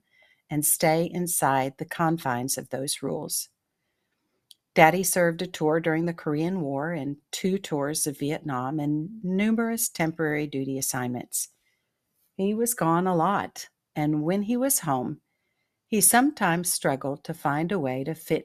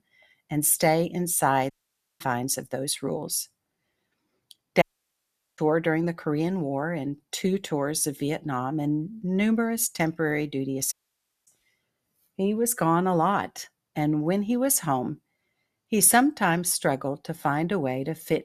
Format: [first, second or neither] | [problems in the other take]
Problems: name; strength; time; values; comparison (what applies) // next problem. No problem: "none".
first | audio cutting out; at 1.5 s for 0.5 s, at 5 s for 1 s and at 11 s for 0.5 s